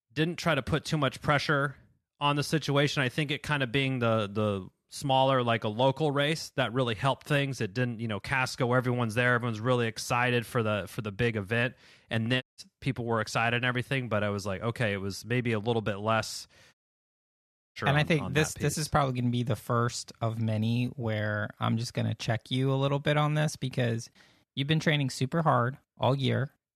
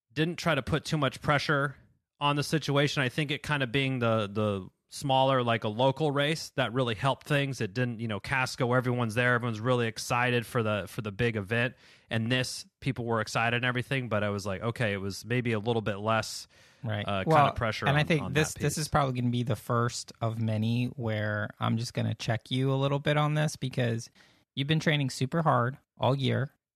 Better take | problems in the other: second | audio cutting out; at 12 s and at 17 s for 1 s

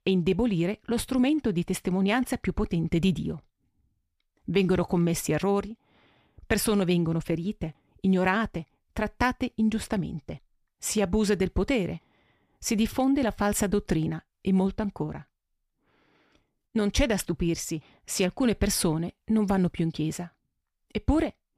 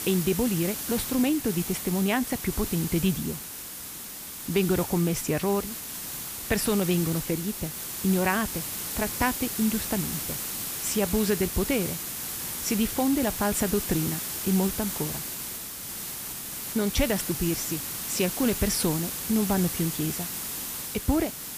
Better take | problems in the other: first | hiss; loud; throughout; 4 dB below the speech

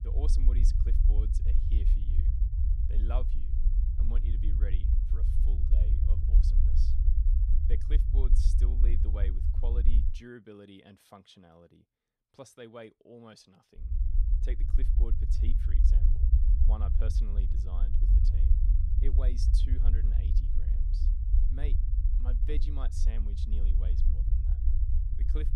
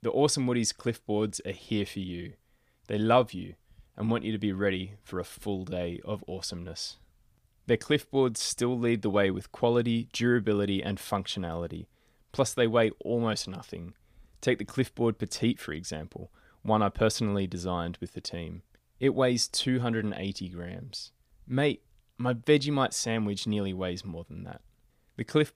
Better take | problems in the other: second | low rumble; loud; until 10 s and from 14 s on; 1 dB below the speech

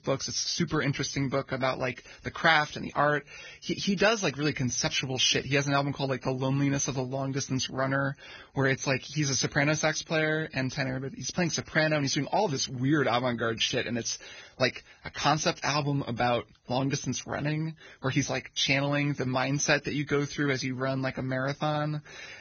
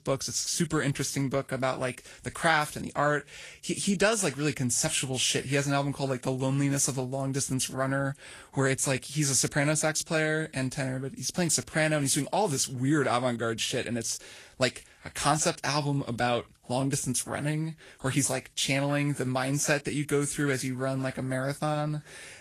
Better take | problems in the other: second | garbled, watery; badly; nothing above 6.5 kHz; slightly in the second

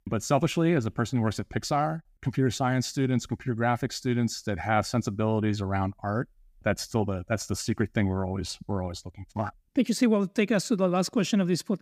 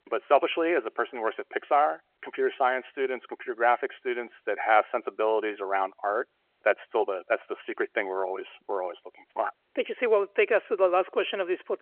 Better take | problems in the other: first | phone-call audio

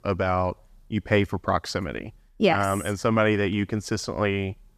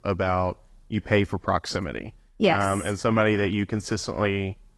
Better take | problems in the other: first | garbled, watery; slightly; nothing above 11 kHz

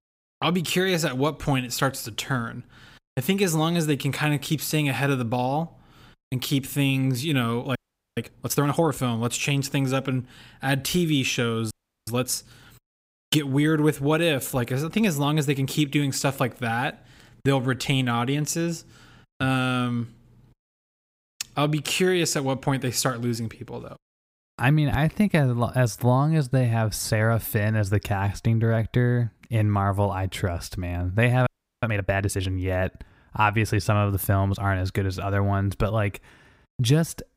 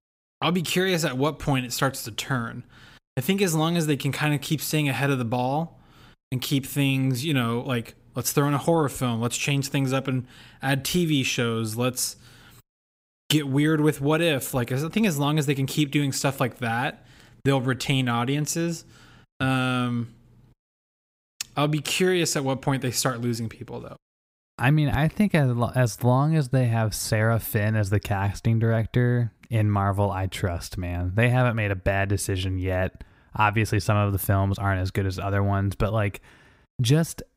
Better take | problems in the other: second | audio freezing; at 8 s, at 12 s and at 31 s

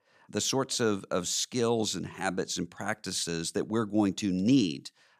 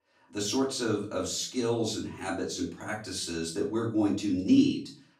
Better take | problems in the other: first | off-mic speech; far // room echo; slight; dies away in 0.4 s

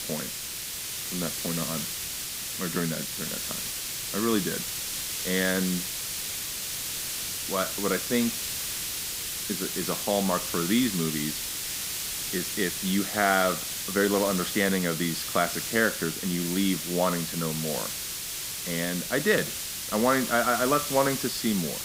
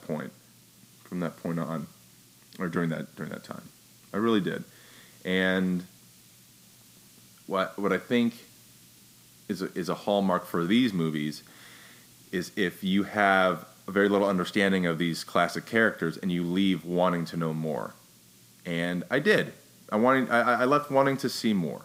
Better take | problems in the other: second | hiss; loud; throughout; 2 dB below the speech; faint in the second

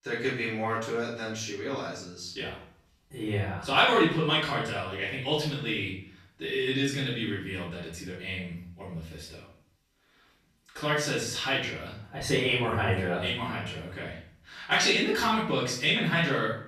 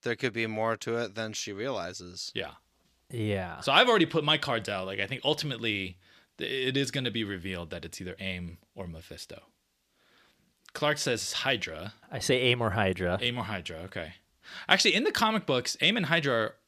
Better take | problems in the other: second | off-mic speech; far // room echo; noticeable; dies away in 0.5 s

